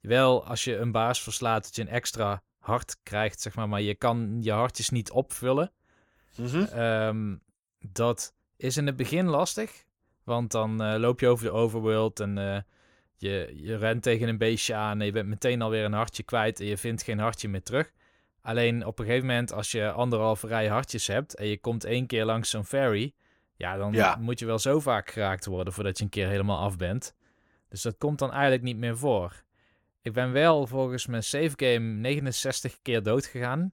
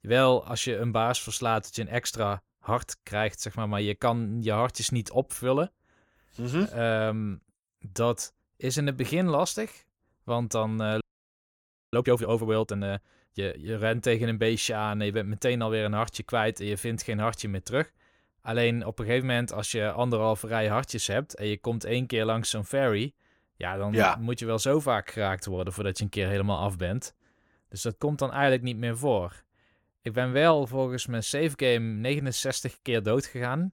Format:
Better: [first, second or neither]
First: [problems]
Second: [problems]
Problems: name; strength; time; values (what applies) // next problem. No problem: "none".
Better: first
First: none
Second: audio freezing; at 11 s for 1 s